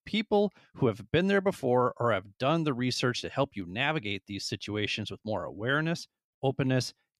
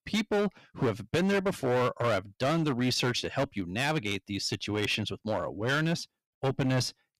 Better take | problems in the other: first | distortion; heavy; 12% of the sound clipped

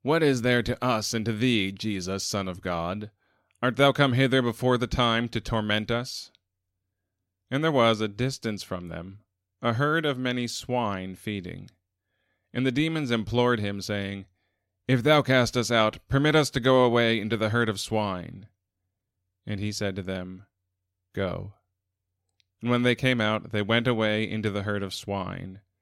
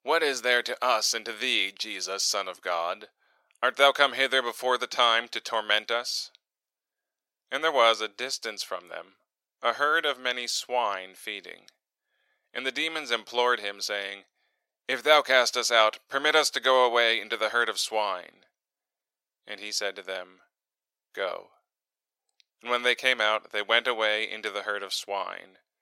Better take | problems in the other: first | thin; very; fading below 550 Hz

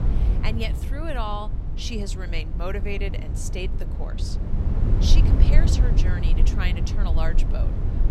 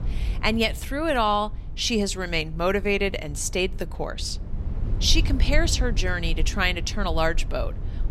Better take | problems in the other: second | low rumble; loud; throughout; 5 dB below the speech; faint in the second

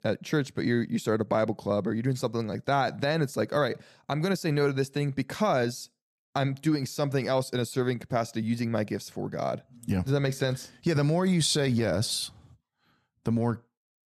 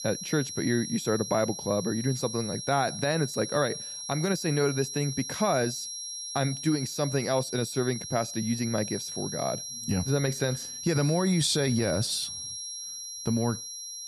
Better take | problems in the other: first | high-pitched whine; loud; throughout; 5.5 kHz, 6 dB below the speech

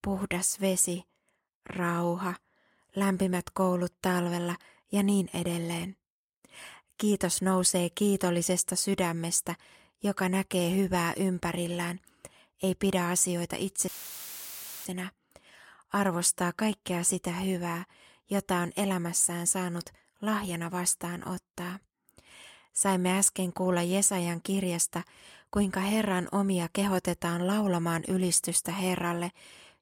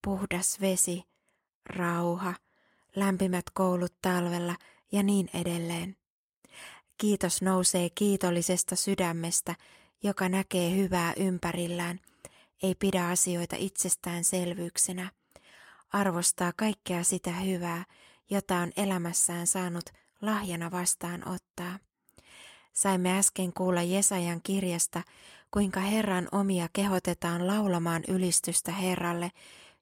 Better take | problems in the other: second | audio cutting out; filled with static; at 14 s for 1 s

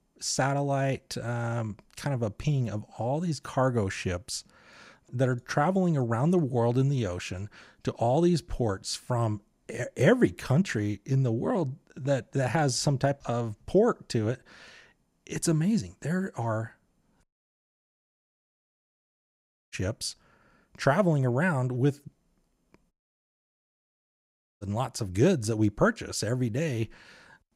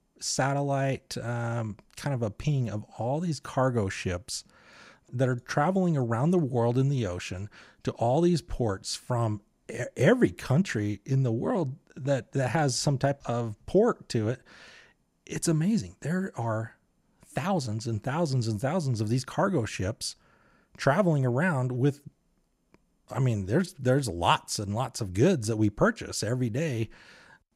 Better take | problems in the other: second | audio cutting out; at 17 s for 2.5 s and at 23 s for 1.5 s

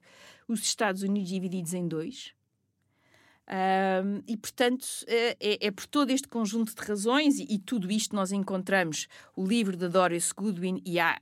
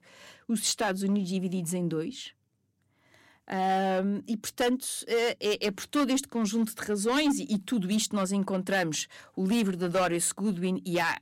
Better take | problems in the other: first | distortion; slight; 6% of the sound clipped

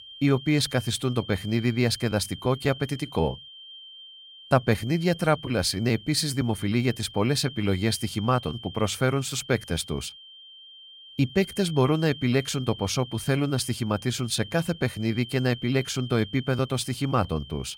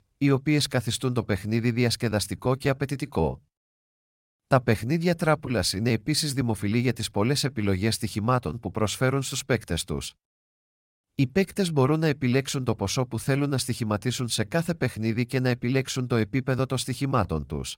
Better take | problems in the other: second | high-pitched whine; noticeable; throughout; 3 kHz, 15 dB below the speech

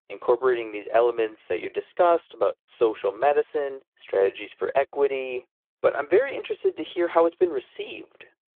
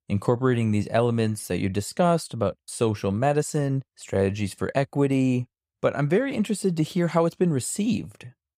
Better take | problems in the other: second | phone-call audio

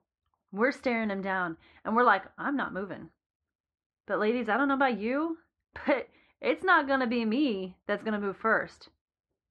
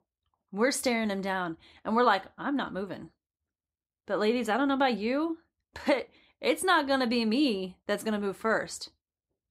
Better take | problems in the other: second | muffled; slightly; fading above 2 kHz

